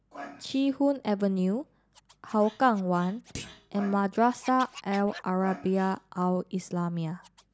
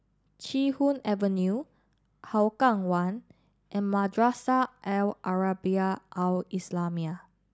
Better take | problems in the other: second | background sound (Thump, thud + Scratching (performance technique)); 19 dB below the speech

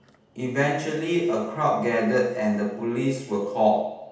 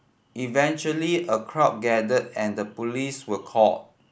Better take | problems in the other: second | background sound (Bird); 19 dB below the speech // room echo; dies away in 0.8 s

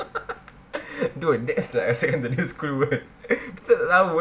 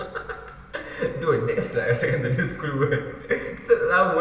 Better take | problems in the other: first | room echo; dies away in 1.4 s

